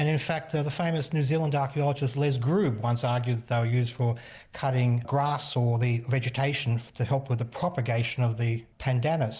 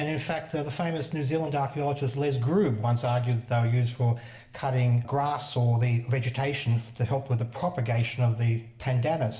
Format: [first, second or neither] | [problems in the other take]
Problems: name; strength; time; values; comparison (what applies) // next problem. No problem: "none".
first | room echo; dies away in 1.9 s